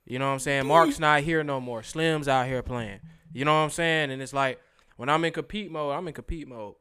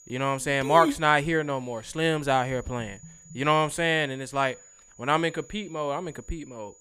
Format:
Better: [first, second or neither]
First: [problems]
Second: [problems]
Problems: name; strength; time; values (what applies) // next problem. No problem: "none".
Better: first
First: none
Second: high-pitched whine; faint; throughout; 7 kHz, 25 dB below the speech